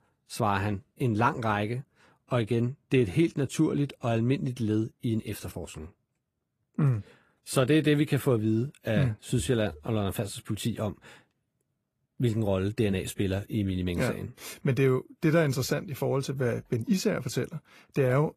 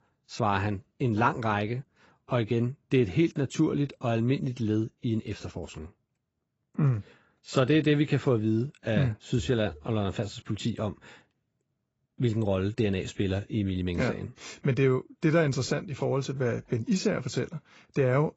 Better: first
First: garbled, watery; slightly; nothing above 14.5 kHz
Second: garbled, watery; badly; nothing above 7.5 kHz

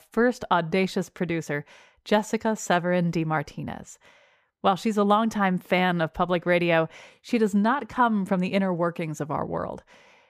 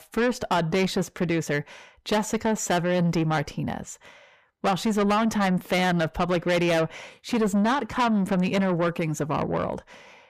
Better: first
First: none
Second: distortion; heavy; 8 dB below the speech

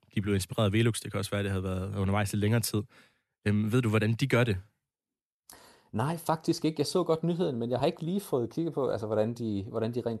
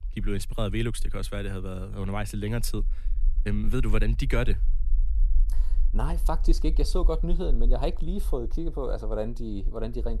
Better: first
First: none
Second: low rumble; faint; throughout; 25 dB below the speech

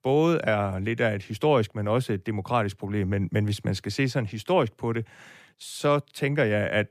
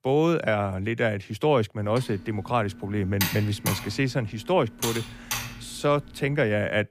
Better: first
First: none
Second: keyboard typing; noticeable; from 2 to 6 s; peak 2 dB below the speech

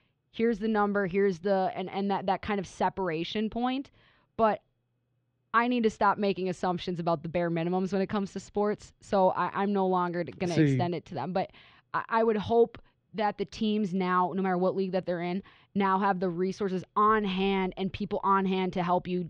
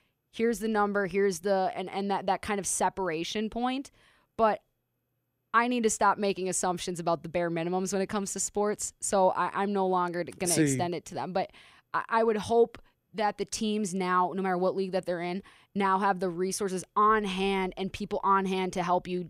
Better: second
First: muffled; slightly; fading above 4 kHz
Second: none

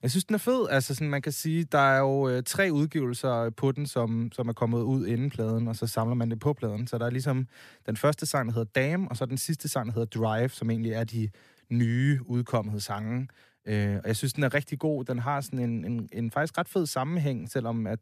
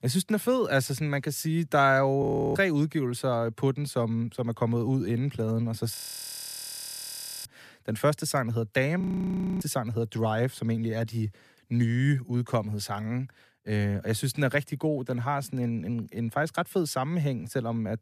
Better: first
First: none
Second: audio freezing; at 2 s, at 6 s for 1.5 s and at 9 s for 0.5 s

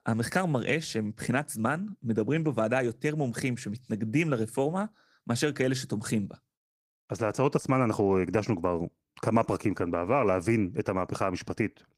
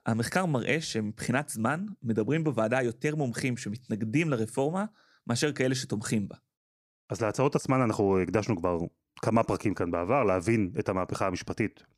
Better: second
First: garbled, watery; slightly; nothing above 15.5 kHz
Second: none

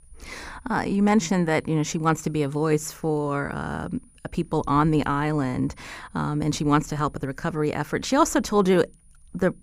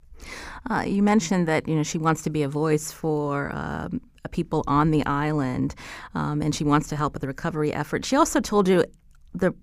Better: second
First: high-pitched whine; faint; throughout; 9.5 kHz, 35 dB below the speech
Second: none

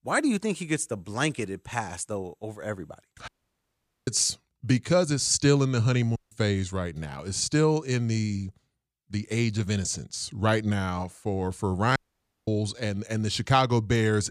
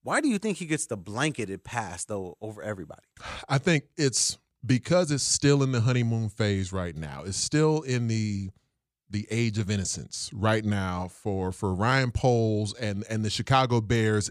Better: second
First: audio cutting out; at 3.5 s for 1 s, at 6 s and at 12 s for 0.5 s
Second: none

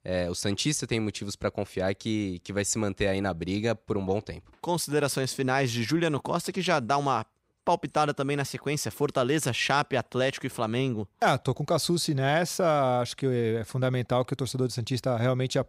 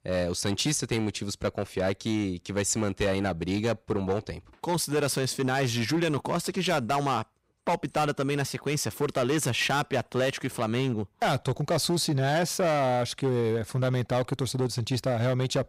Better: first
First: none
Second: distortion; slight; 10% of the sound clipped

